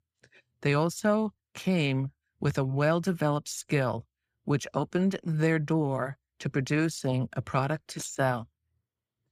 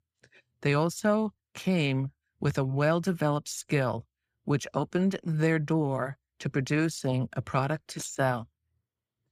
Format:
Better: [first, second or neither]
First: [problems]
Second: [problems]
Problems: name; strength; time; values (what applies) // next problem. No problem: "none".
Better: neither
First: none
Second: none